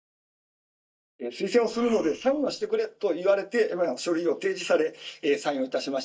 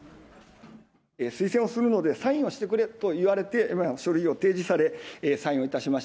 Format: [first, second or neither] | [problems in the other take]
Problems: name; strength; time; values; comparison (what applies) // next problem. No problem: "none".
second | noise reduction (neural mask model DeepFilterNet 3)